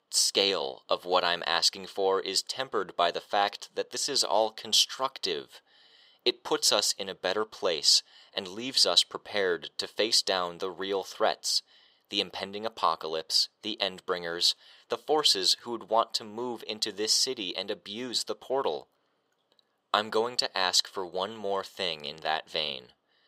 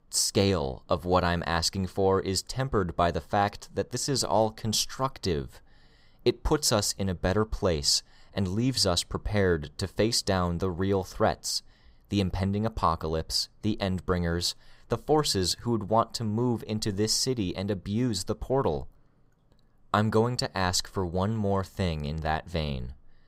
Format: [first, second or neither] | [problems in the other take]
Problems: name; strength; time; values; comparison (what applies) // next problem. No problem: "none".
second | thin; very; fading below 450 Hz